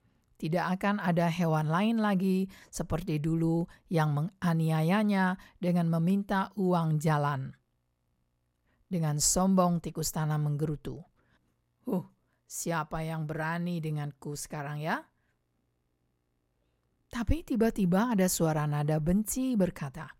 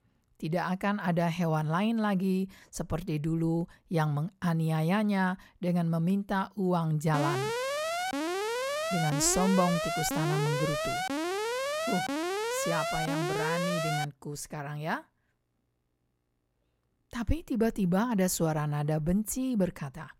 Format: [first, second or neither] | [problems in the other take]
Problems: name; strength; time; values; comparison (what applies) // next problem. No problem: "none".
first | alarm; noticeable; from 7 to 14 s; peak 1 dB below the speech